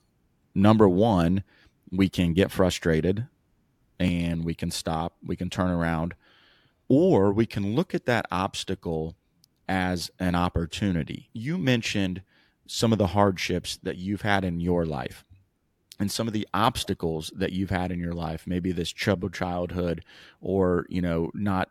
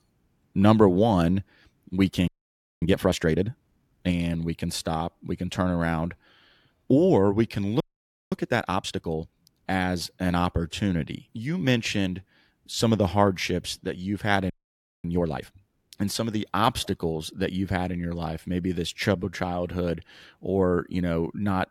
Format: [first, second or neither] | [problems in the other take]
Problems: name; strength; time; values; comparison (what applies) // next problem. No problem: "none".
first | audio freezing; at 2.5 s for 0.5 s, at 8 s for 0.5 s and at 15 s for 0.5 s